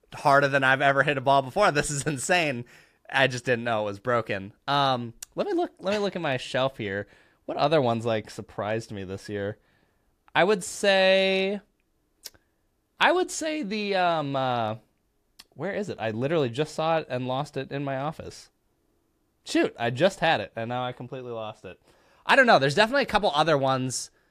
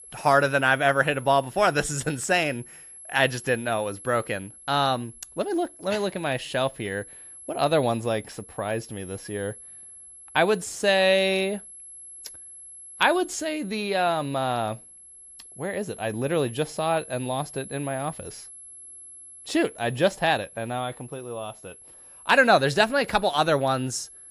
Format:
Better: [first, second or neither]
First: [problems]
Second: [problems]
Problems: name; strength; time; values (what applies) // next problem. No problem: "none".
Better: first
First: none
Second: high-pitched whine; noticeable; throughout; 11 kHz, 20 dB below the speech